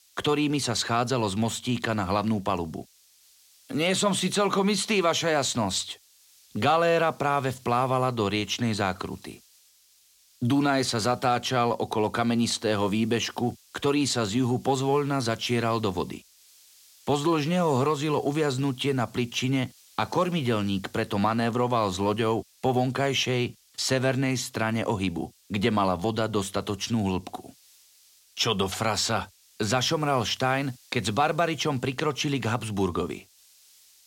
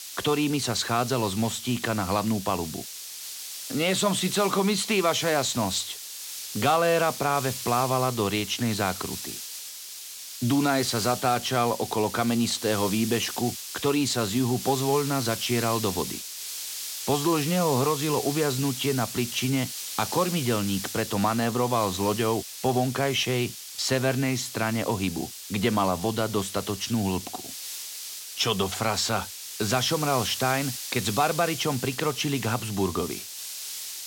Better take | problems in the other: first | hiss; loud; throughout; 8 dB below the speech; faint in the first

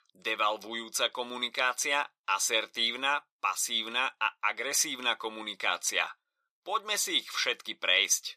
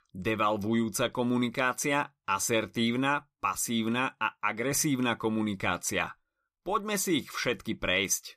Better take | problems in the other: second | thin; very; fading below 600 Hz

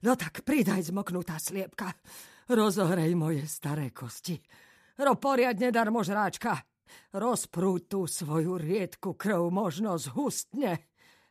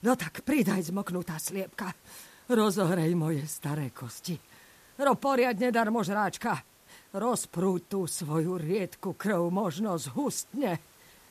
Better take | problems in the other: first | hiss; faint; throughout; 25 dB below the speech

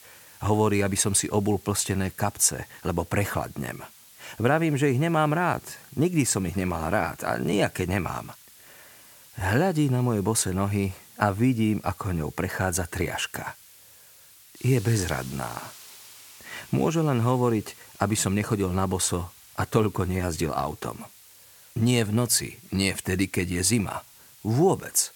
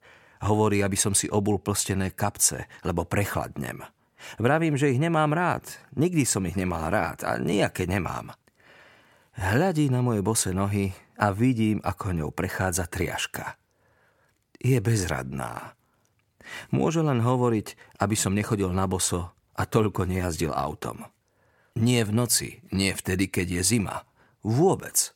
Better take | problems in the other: second | hiss; faint; throughout; 20 dB below the speech

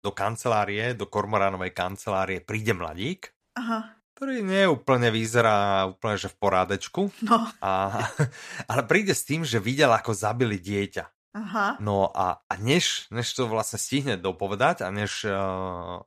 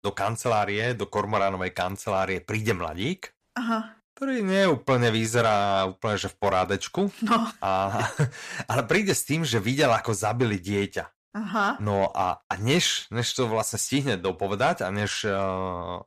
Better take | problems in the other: first | distortion; slight; 10 dB below the speech

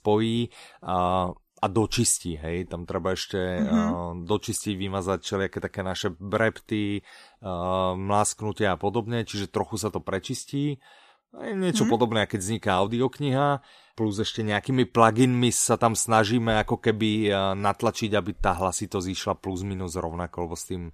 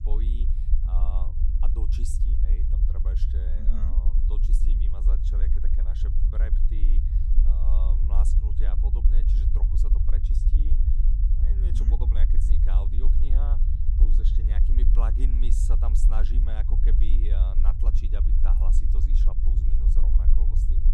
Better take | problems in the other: first | low rumble; loud; throughout; 1 dB below the speech

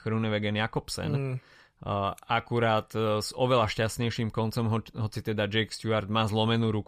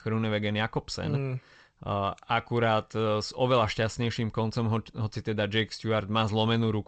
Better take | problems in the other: first | garbled, watery; slightly; nothing above 8 kHz

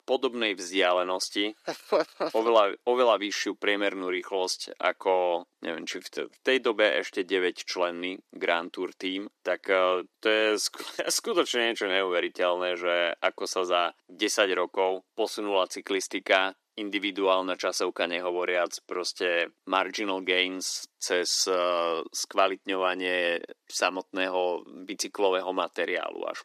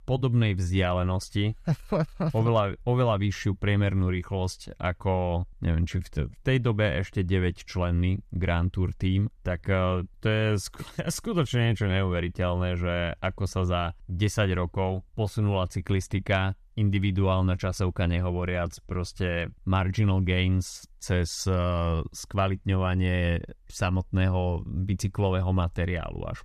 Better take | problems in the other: second | thin; very; fading below 300 Hz

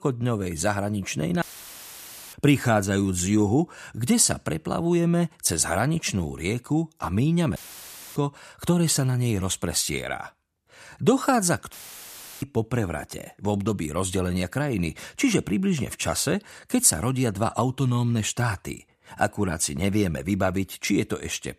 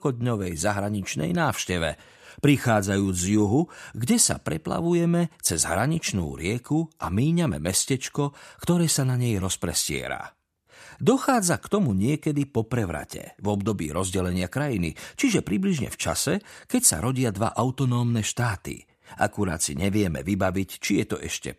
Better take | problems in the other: second | audio cutting out; filled with static; at 1.5 s for 1 s, at 7.5 s for 0.5 s and at 12 s for 0.5 s

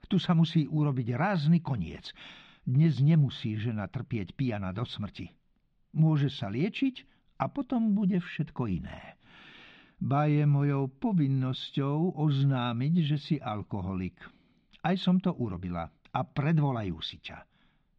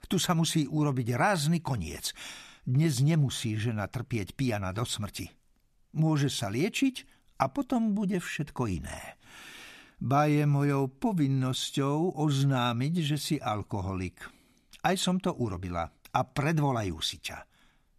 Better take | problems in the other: second | muffled; slightly; fading above 3.5 kHz

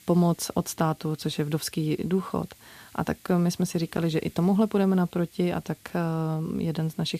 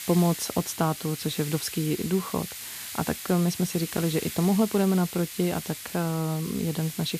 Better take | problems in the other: first | hiss; loud; throughout; 9 dB below the speech; faint in the first

